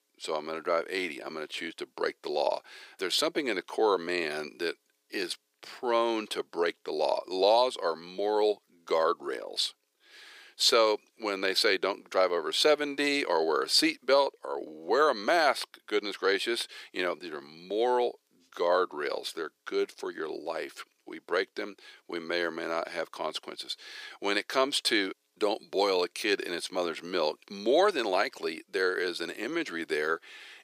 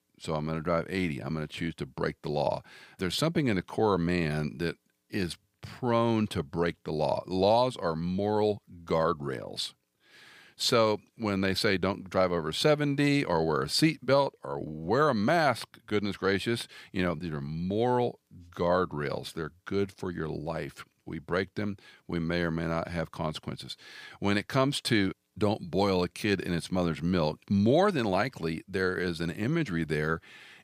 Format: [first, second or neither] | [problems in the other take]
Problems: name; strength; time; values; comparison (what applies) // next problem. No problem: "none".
second | thin; somewhat; fading below 350 Hz